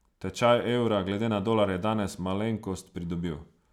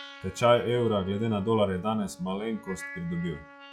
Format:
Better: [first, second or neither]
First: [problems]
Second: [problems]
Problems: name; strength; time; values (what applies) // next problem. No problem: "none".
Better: first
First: none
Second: noise reduction (classical method log-MMSE)